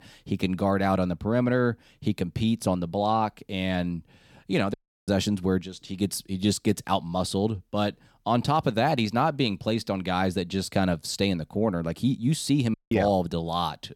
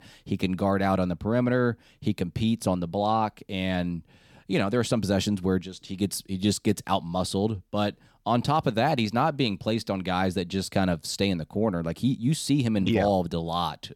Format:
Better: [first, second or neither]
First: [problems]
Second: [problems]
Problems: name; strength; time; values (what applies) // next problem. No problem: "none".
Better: second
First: audio cutting out; at 4.5 s and at 13 s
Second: none